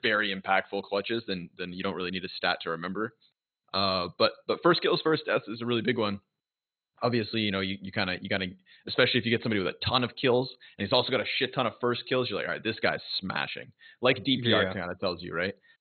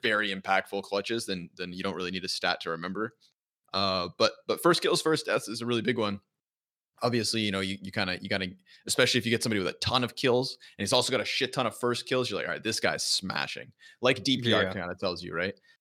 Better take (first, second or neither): second